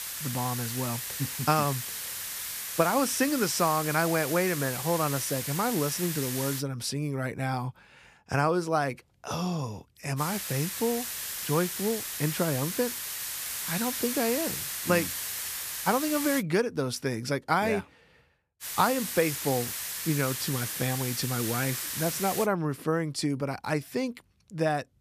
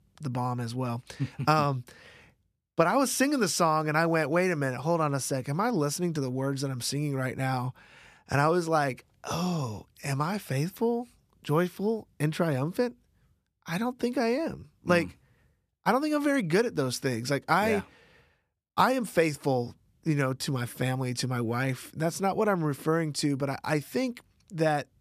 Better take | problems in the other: second | hiss; loud; until 6.5 s, from 10 to 16 s and from 19 to 22 s; 3 dB below the speech

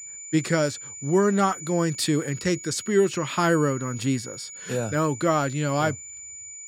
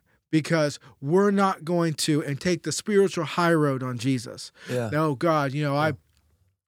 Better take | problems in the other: second | high-pitched whine; noticeable; throughout; 7 kHz, 15 dB below the speech

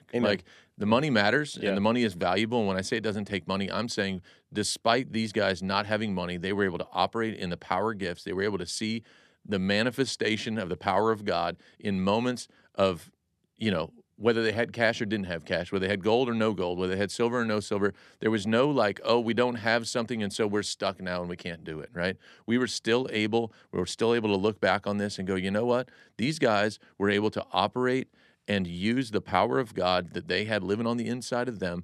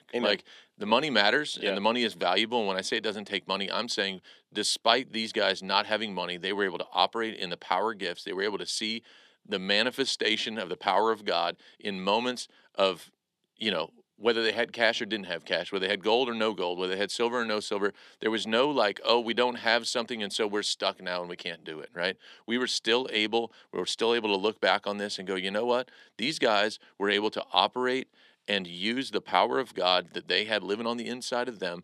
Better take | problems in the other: first | thin; very slightly; fading below 300 Hz

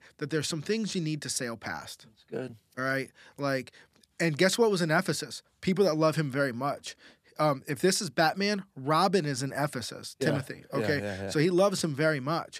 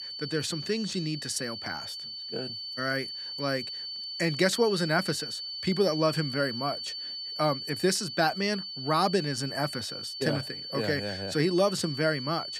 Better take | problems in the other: first | high-pitched whine; loud; throughout; 4.5 kHz, 6 dB below the speech

